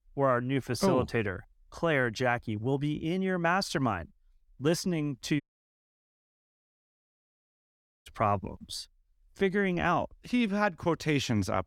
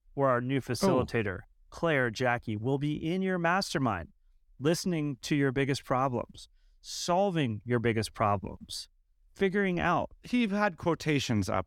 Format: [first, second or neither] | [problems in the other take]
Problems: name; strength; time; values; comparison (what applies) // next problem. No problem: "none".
second | audio cutting out; at 5.5 s for 2.5 s